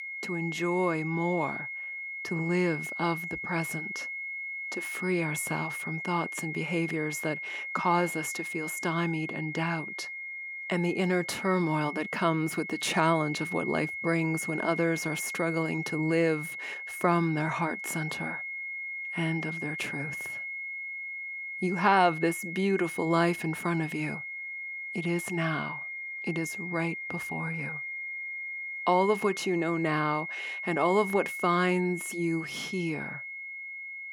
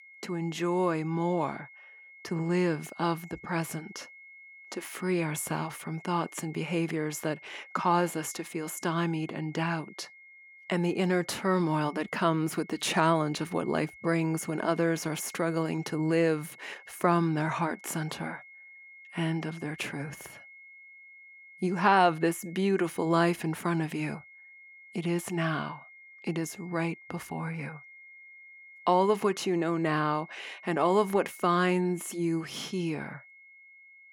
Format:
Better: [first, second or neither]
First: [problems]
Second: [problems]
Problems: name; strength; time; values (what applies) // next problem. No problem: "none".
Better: second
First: high-pitched whine; loud; throughout; 2 kHz, 5 dB below the speech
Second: high-pitched whine; faint; throughout; 2 kHz, 20 dB below the speech